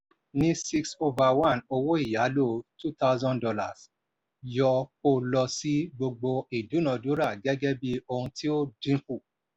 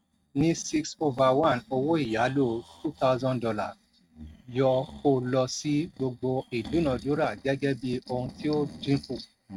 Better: first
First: none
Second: noise reduction (neural mask model RNNoise)

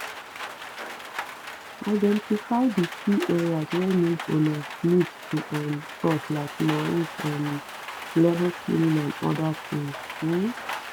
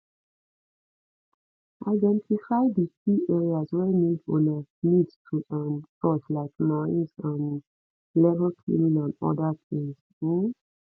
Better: second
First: background sound (Rain); 11 dB below the speech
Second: none

